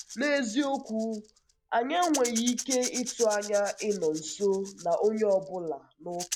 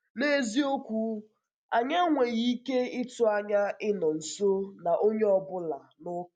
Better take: second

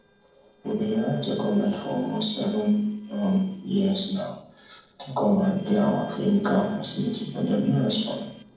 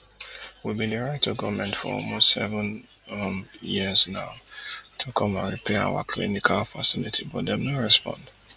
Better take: second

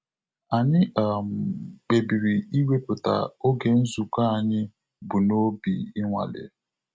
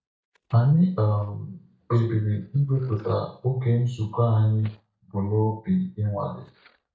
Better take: first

